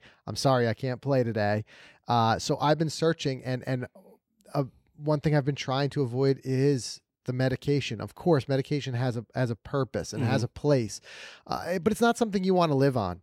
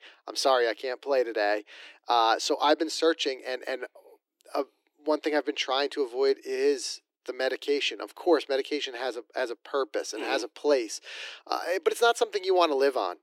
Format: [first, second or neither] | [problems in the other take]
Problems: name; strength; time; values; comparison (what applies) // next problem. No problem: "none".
first | thin; very; fading below 300 Hz